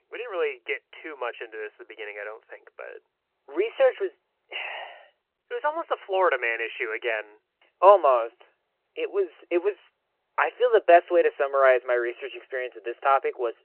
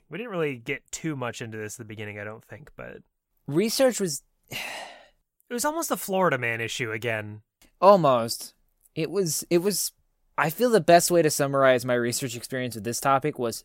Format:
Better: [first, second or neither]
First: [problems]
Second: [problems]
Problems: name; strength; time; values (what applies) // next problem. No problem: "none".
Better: second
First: phone-call audio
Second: none